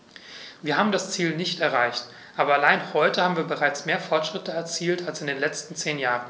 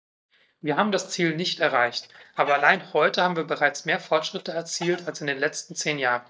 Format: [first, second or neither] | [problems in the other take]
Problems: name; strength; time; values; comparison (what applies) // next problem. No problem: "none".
first | noise reduction (neural mask model DeepFilterNet 3)